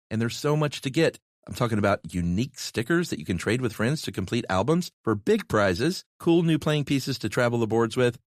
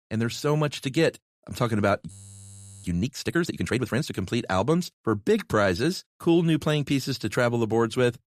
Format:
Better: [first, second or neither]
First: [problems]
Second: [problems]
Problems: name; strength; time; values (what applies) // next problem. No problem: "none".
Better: first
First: none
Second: audio freezing; at 2 s for 0.5 s